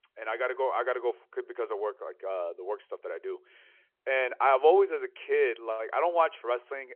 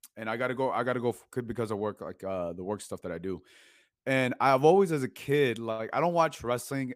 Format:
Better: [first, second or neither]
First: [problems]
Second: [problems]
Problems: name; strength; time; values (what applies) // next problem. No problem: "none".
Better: second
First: phone-call audio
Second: none